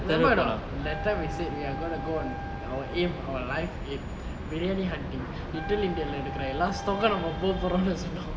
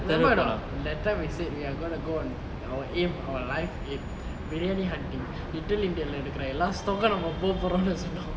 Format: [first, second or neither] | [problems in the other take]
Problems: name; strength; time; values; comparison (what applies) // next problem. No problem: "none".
second | background sound (Wind instrument, woodwind instrument); 12 dB below the speech